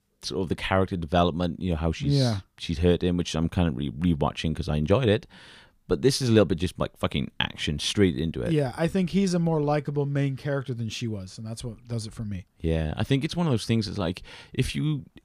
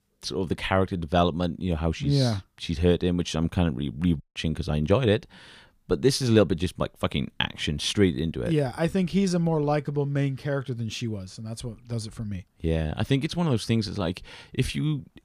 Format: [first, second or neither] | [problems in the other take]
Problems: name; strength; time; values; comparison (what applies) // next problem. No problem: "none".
first | audio cutting out; at 4 s